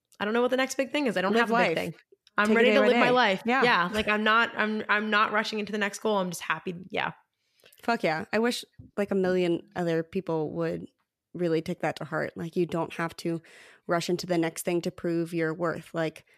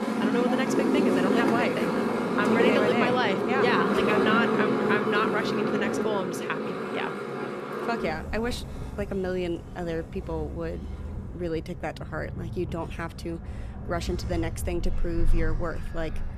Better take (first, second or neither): first